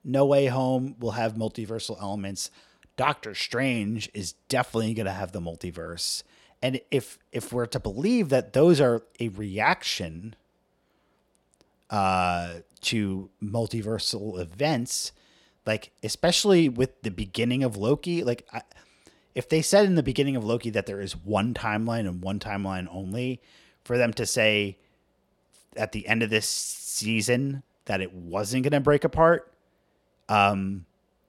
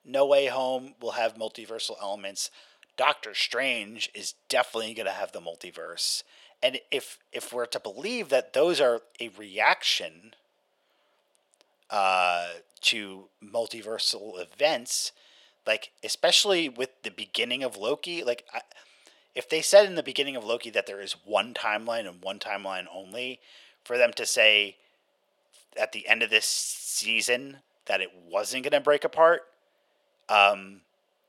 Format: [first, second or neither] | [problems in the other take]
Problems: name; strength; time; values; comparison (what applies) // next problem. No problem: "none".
first | thin; very; fading below 550 Hz